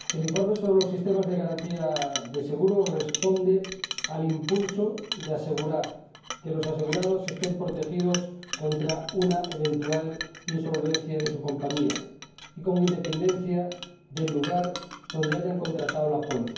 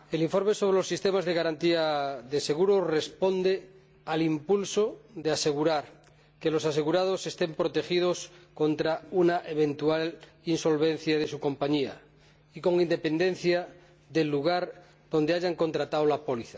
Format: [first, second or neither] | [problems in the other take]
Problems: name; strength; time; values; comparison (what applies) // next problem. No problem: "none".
second | background sound (Chink, clink); 11 dB below the speech // room echo; dies away in 0.9 s